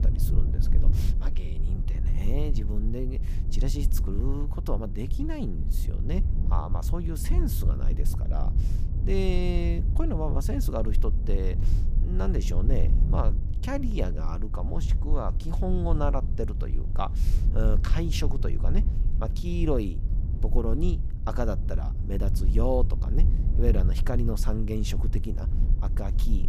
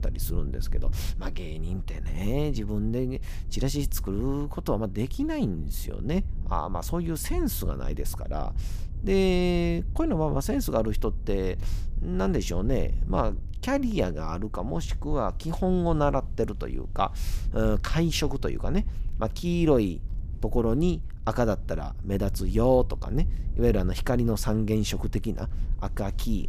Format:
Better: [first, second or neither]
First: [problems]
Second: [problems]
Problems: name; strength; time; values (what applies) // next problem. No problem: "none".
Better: second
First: low rumble; loud; throughout; 9 dB below the speech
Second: low rumble; faint; throughout; 20 dB below the speech